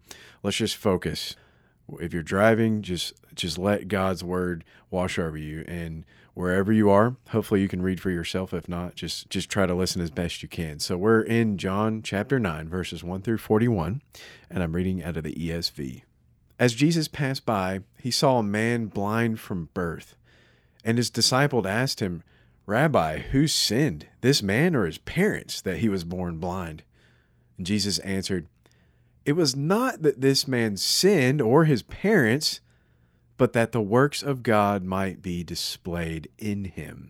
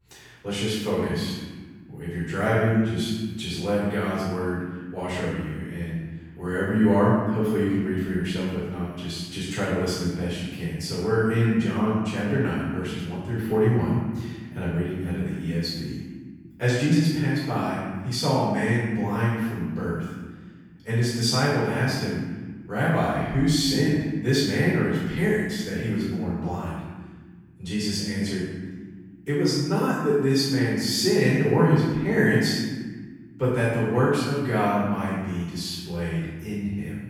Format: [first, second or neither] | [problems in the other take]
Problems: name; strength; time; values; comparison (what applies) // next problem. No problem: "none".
first | off-mic speech; far // room echo; strong; dies away in 1.3 s